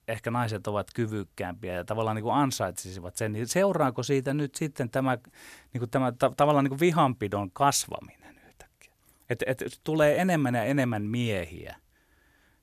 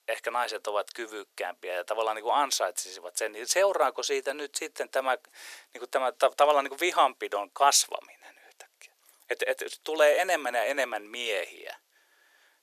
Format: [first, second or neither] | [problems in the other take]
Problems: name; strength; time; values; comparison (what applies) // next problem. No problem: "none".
first | thin; very; fading below 400 Hz